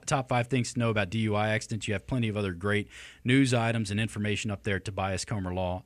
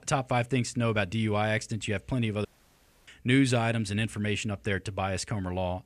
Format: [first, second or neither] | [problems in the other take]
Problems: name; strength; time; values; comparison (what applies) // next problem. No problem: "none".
first | audio cutting out; at 2.5 s for 0.5 s